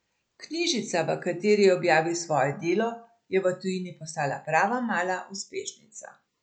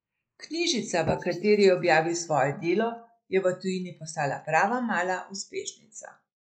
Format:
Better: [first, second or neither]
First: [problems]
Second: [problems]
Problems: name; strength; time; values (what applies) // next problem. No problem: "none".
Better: first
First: none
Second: noise reduction (neural mask model Resemble Enhance denoiser)